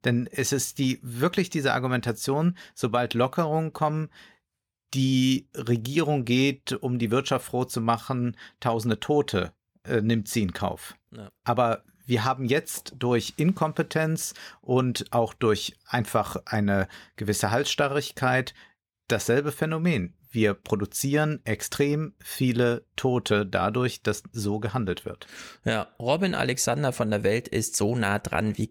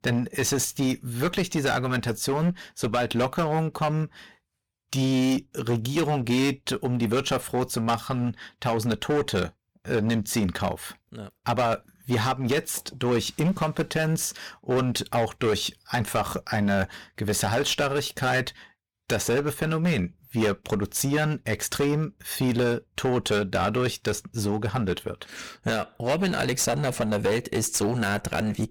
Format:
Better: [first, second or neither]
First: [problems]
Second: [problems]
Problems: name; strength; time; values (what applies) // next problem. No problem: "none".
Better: first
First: none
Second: distortion; heavy; 13% of the sound clipped